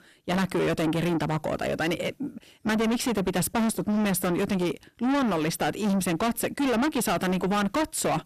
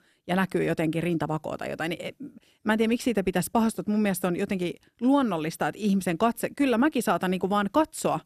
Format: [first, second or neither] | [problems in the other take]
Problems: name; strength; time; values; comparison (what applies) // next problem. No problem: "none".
second | distortion; heavy; 6 dB below the speech